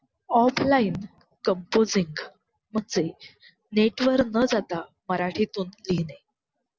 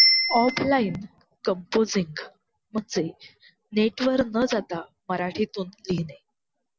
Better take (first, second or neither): first